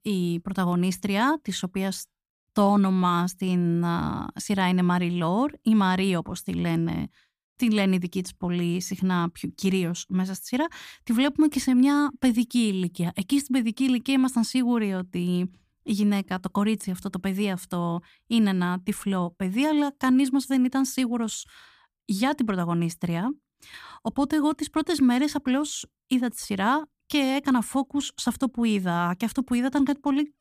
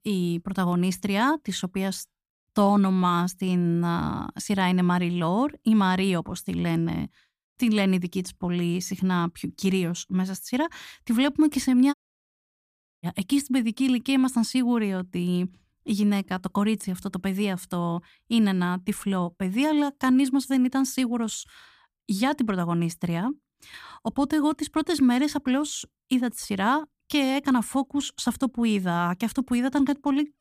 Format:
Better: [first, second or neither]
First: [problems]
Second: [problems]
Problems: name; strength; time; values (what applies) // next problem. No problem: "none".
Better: first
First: none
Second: audio cutting out; at 12 s for 1 s